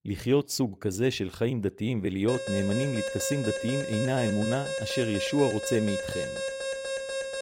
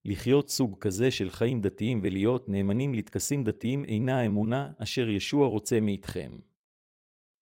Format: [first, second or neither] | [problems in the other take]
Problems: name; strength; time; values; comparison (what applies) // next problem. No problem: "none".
second | alarm; noticeable; from 2.5 s on; peak 3 dB below the speech